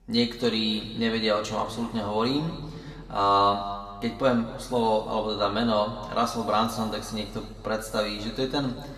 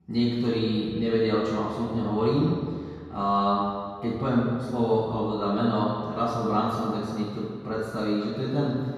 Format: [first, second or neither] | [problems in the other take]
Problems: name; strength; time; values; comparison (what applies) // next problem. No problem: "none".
first | room echo; strong; dies away in 2 s; slight in the first // off-mic speech; far; somewhat distant in the first